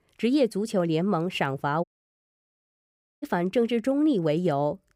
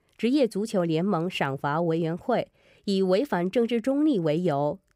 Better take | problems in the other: second | audio cutting out; at 2 s for 1.5 s

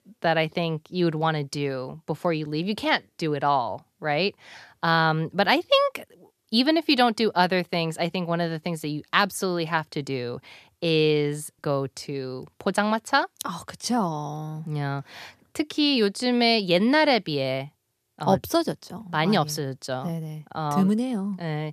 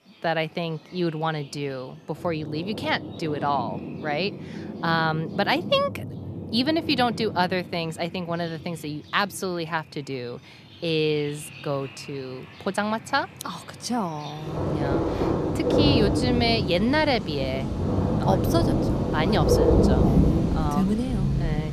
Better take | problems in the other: first | rain or running water; very loud; throughout; 1 dB above the speech

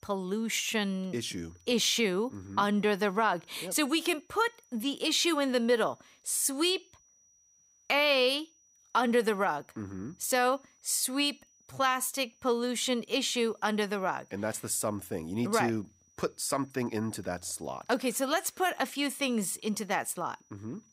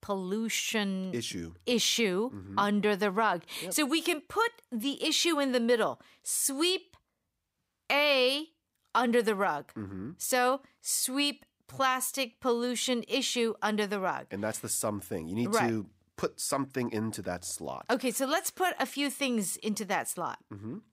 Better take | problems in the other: second | high-pitched whine; faint; throughout; 6 kHz, 35 dB below the speech

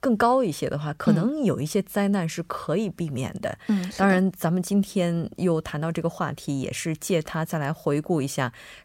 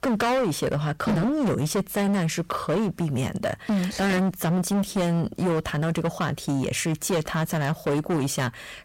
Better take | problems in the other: first | distortion; heavy; 23% of the sound clipped

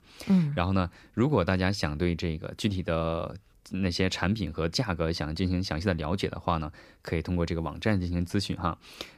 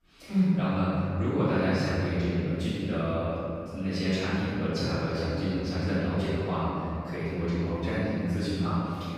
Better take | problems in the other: first | off-mic speech; far // room echo; strong; dies away in 2.6 s

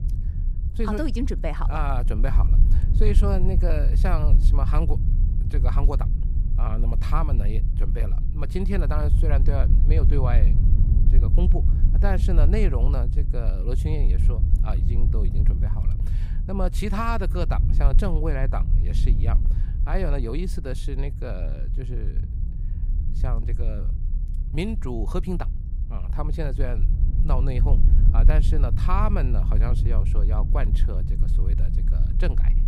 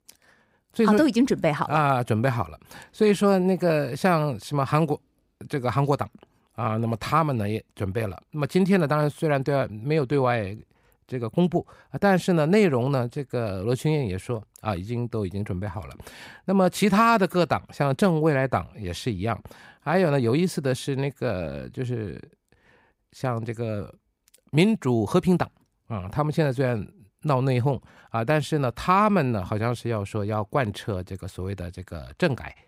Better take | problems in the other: second | low rumble; loud; throughout; 9 dB below the speech

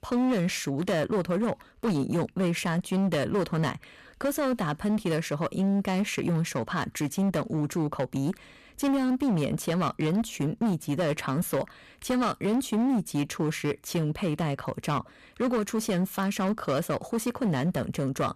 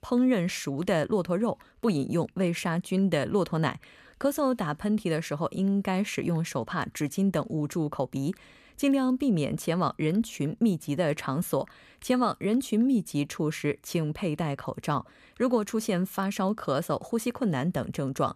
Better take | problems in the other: second | distortion; slight; 15% of the sound clipped

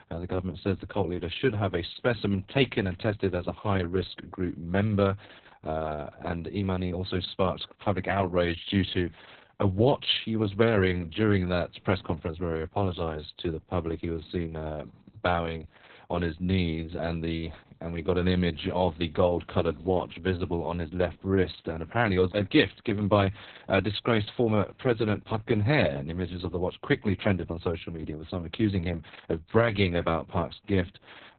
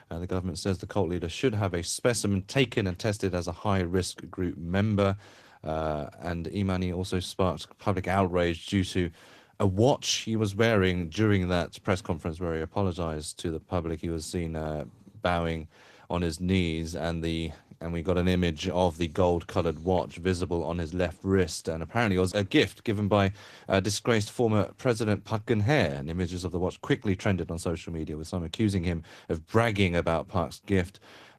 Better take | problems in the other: second | garbled, watery; badly; nothing above 4 kHz; slightly in the second

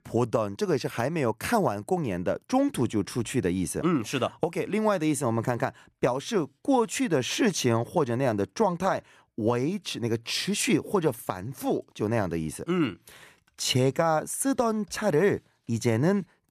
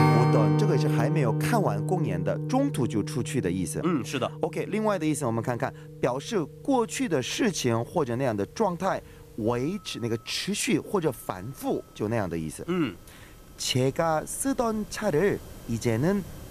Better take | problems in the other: first | background music; loud; throughout; 1 dB below the speech

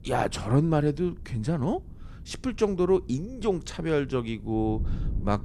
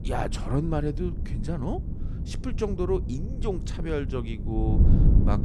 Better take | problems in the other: first | wind noise on the microphone; heavy; 7 dB below the speech; occasional gusts in the first

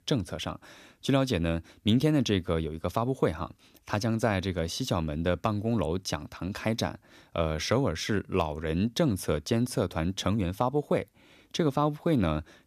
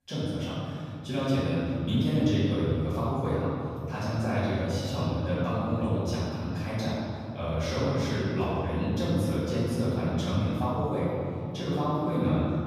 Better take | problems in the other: first | room echo; strong; dies away in 3 s // off-mic speech; far

